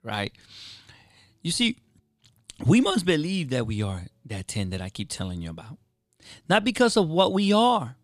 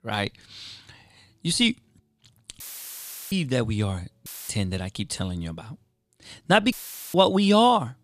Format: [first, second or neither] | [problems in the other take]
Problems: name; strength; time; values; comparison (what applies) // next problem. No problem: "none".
first | audio cutting out; filled with static; at 2.5 s for 0.5 s, at 4.5 s and at 6.5 s